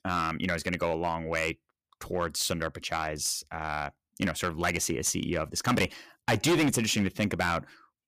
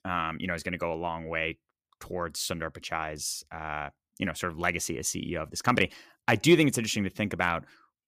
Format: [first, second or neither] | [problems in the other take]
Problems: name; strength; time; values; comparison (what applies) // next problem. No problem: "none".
second | distortion; heavy; 5% of the sound clipped